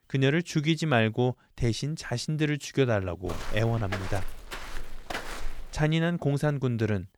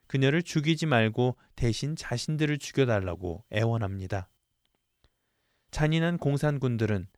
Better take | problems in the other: second | footsteps; noticeable; from 3.5 to 5.5 s; peak 8 dB below the speech

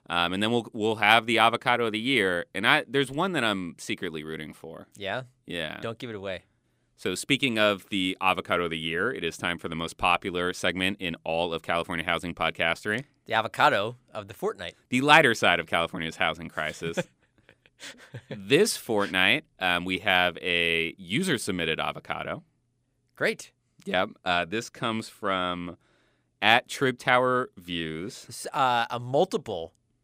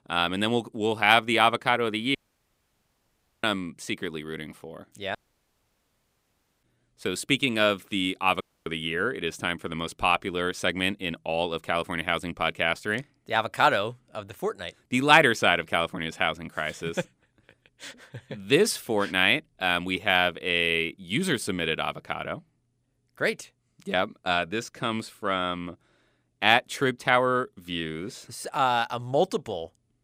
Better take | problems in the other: first | audio cutting out; at 2 s for 1.5 s, at 5 s for 1.5 s and at 8.5 s

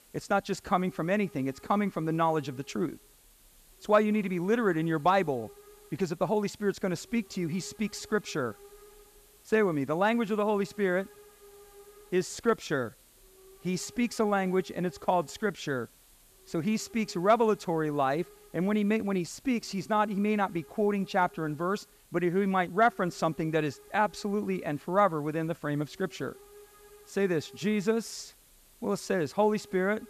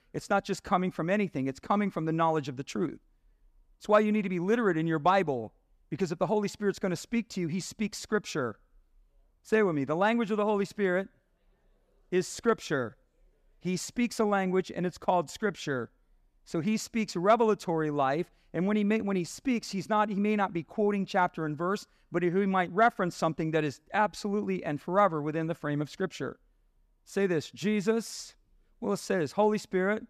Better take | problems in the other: second | hiss; faint; throughout; 25 dB below the speech

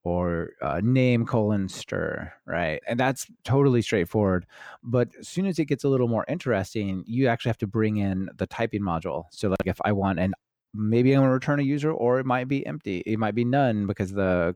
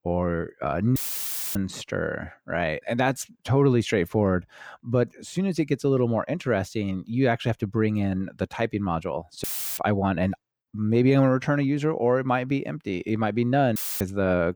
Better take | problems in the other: first | audio cutting out; filled with static; at 1 s for 0.5 s, at 9.5 s and at 14 s

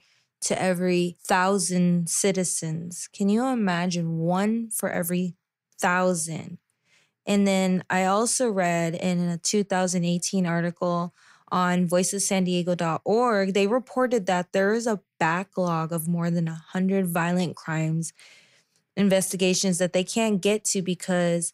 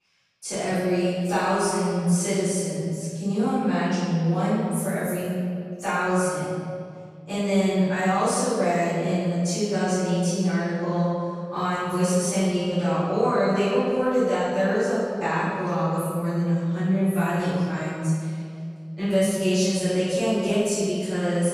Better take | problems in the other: first | off-mic speech; far // room echo; strong; dies away in 2.1 s

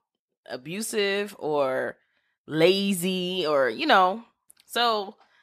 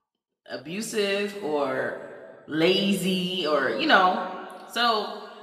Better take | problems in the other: first | room echo; slight; dies away in 1.6 s // off-mic speech; somewhat distant

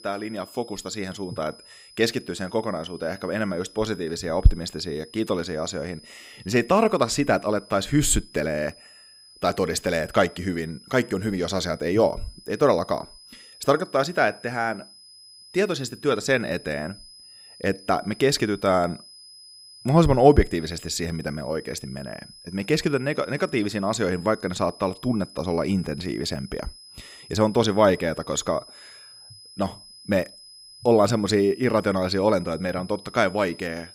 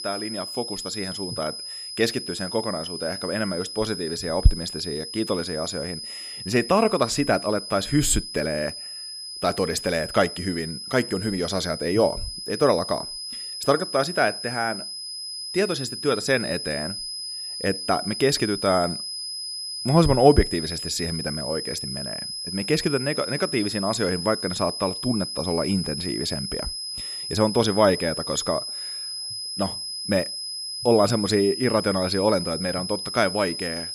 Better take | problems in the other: first | high-pitched whine; loud; throughout; 5 kHz, 6 dB below the speech; faint in the first

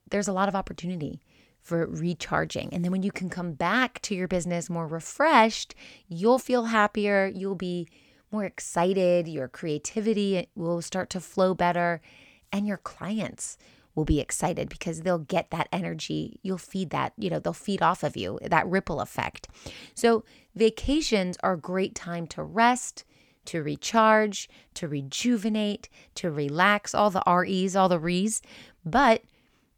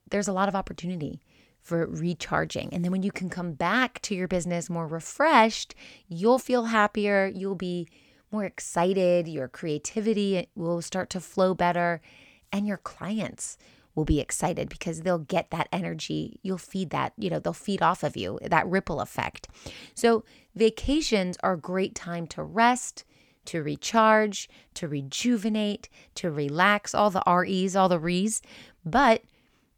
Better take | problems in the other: neither | none

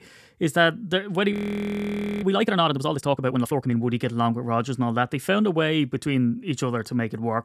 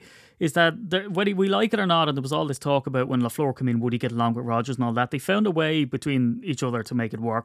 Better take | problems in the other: second | audio freezing; at 1.5 s for 1 s

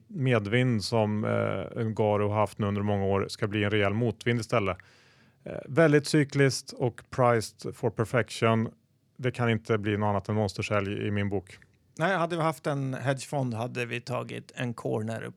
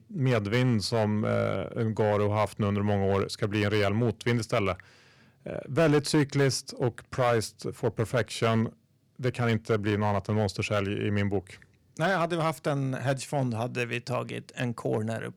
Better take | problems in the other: first | distortion; slight; 3% of the sound clipped

